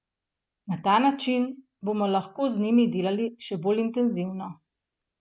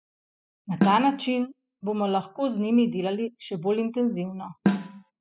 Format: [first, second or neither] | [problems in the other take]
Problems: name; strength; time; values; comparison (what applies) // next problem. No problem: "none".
first | noise reduction (classical method spectral subtraction)